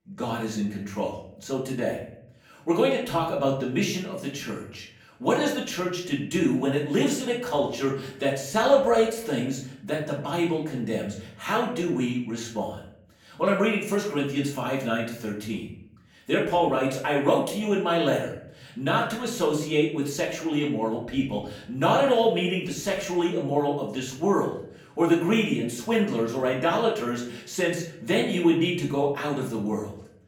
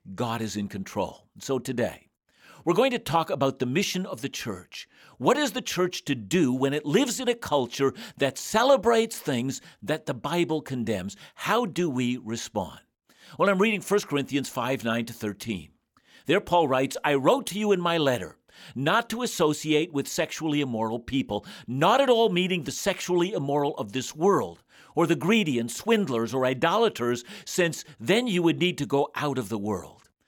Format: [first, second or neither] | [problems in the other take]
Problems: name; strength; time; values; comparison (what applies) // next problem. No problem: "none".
second | off-mic speech; far // room echo; slight; dies away in 0.6 s